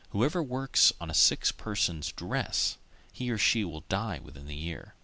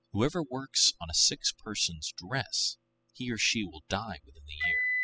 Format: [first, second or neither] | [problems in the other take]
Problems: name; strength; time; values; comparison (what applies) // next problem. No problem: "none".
first | noise reduction (classical method spectral subtraction)